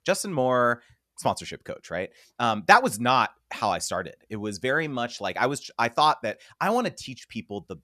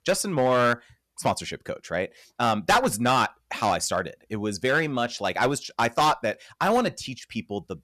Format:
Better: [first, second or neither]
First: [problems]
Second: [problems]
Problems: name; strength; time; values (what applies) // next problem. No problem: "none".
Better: first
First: none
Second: distortion; heavy; 5% of the sound clipped